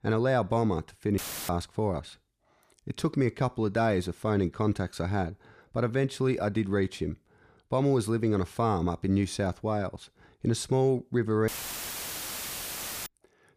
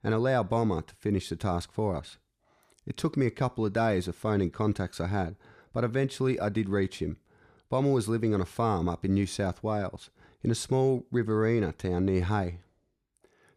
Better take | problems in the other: second | audio cutting out; filled with static; at 1 s and at 11 s for 1.5 s

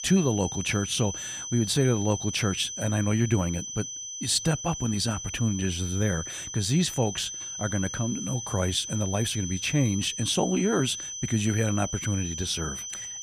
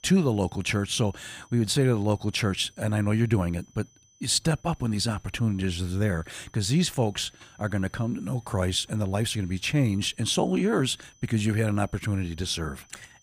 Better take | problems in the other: second | high-pitched whine; loud; throughout; 6 kHz, 6 dB below the speech; faint in the second

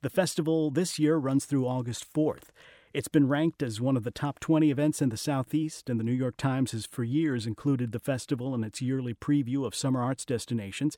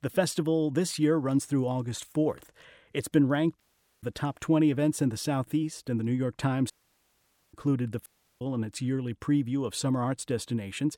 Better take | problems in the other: first | audio cutting out; at 3.5 s, at 6.5 s for 1 s and at 8 s

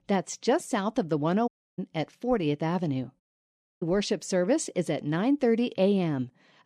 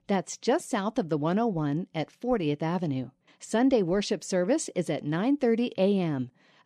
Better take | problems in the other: second | audio cutting out; at 1.5 s and at 3 s for 0.5 s

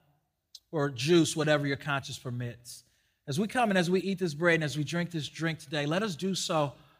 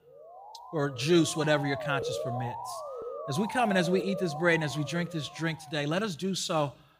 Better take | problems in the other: first | siren; noticeable; until 5.5 s; peak 5 dB below the speech

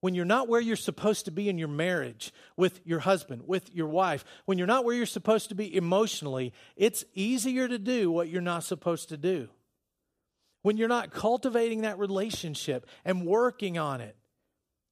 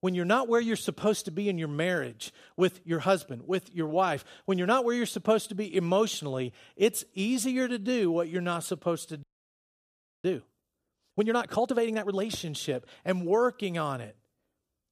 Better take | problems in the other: first | audio freezing; at 9 s for 1 s

